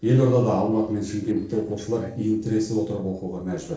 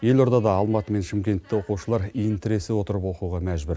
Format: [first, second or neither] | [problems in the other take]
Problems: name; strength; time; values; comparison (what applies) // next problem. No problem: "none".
second | noise reduction (neural separator model SepFormer DNS4)